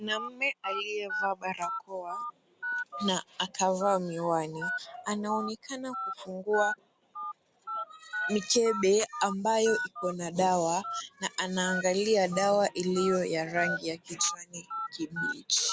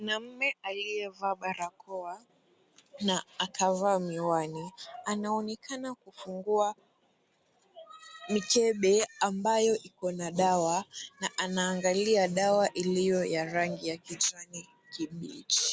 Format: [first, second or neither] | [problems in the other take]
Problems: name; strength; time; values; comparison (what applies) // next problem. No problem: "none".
second | background sound (Telephone); 8 dB below the speech